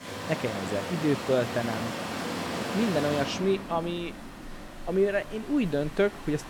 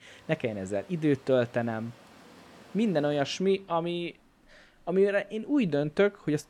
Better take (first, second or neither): second